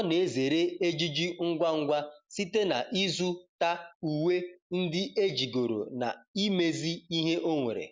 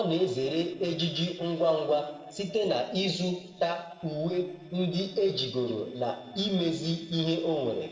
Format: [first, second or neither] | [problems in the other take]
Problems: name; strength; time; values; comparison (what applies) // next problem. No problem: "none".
first | noise reduction (neural separator model SepFormer DNS4)